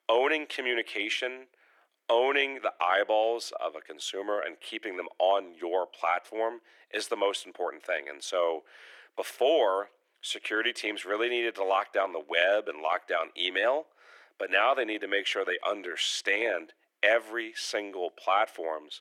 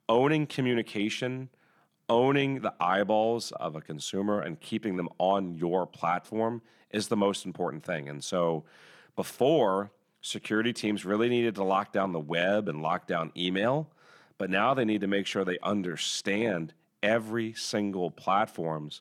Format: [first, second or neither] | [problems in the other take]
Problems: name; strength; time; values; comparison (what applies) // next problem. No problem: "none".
second | thin; very; fading below 350 Hz